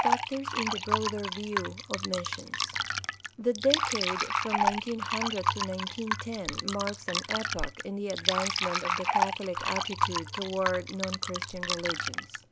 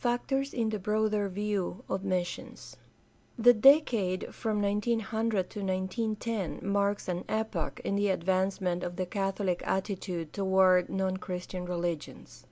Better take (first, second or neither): second